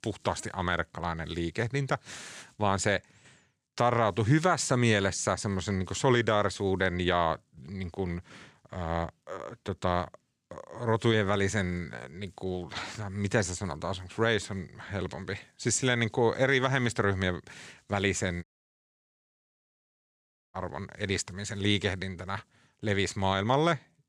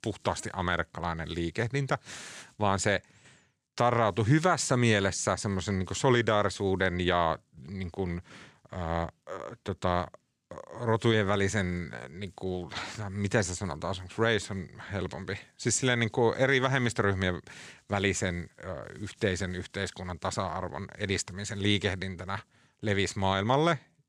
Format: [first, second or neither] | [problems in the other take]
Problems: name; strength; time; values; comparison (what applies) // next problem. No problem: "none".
second | audio cutting out; at 18 s for 2 s